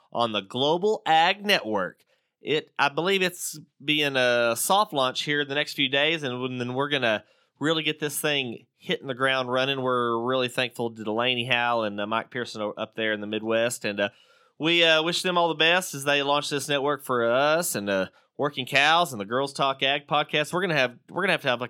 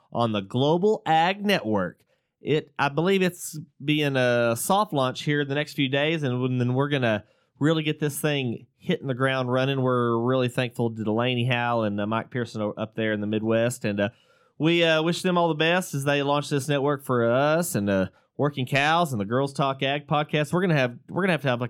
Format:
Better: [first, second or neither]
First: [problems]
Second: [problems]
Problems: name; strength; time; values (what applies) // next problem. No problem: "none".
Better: second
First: thin; very slightly; fading below 550 Hz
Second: none